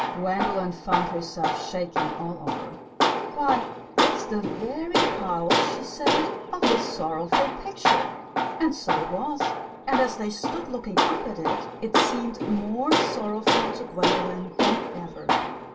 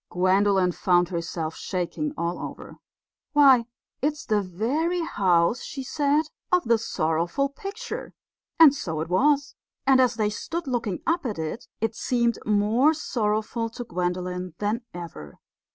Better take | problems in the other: second | background sound (Tools); 4 dB above the speech // room echo; dies away in 0.2 s

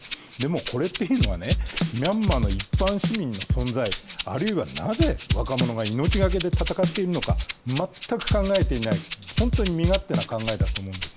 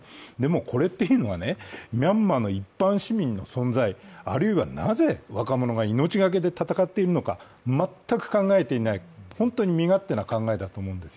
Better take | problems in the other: second | background sound (Drum / Drum kit + Rattle (instrument)); as loud as the speech

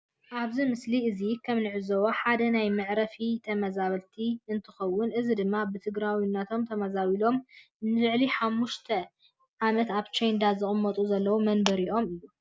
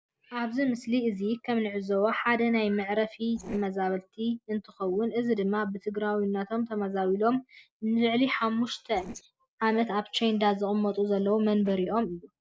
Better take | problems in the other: first | noise reduction (neural separator model SepFormer DNS4)

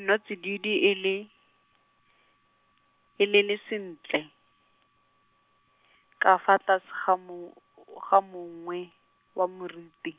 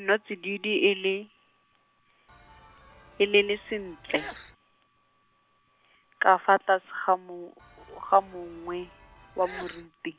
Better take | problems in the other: first | background sound (Sneeze / Church bell); 18 dB below the speech

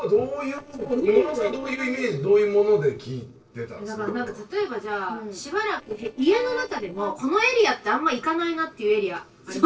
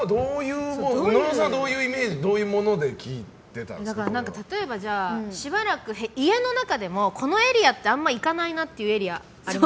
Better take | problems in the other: second | noise reduction (neural separator model SepFormer DNS4)

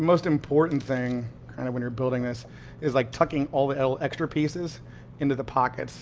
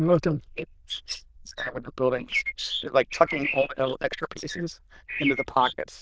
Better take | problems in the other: first | noise reduction (neural diffusion model UNIVERSE++)

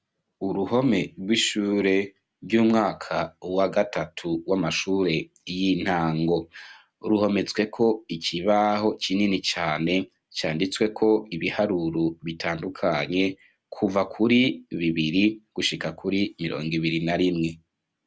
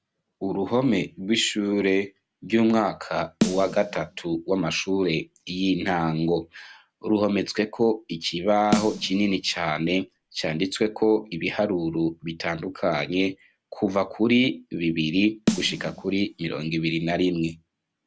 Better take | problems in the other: first | background sound (Snare drum); 7 dB below the speech

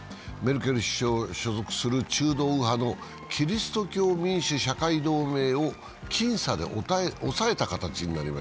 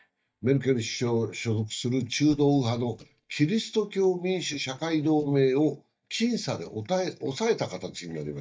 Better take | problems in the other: first | noise reduction (neural mask model DeepFilterNet 3)

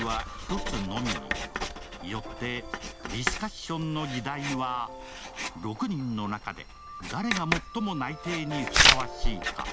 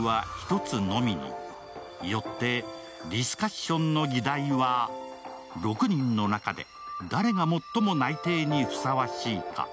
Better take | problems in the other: second | background sound (Writing); 2 dB above the speech

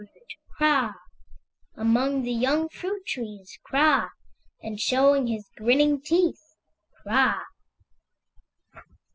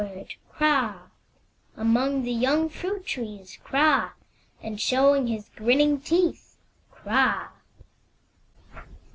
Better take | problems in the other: second | noise reduction (classical method spectral subtraction)

